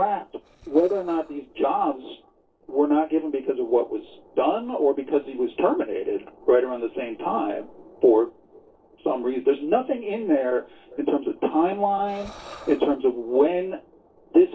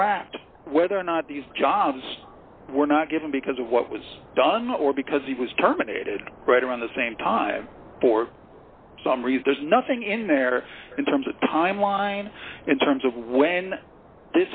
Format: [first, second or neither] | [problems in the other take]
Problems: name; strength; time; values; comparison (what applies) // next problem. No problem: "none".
second | noise reduction (neural separator model SepFormer DNS4)